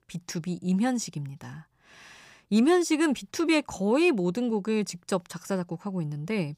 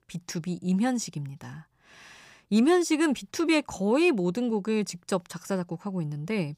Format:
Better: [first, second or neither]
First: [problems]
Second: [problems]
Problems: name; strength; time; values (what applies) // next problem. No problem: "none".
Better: neither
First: none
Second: none